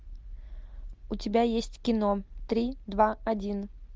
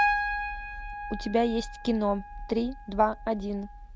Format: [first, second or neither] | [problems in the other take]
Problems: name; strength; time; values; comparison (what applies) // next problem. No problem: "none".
first | background sound (Piano); 4 dB below the speech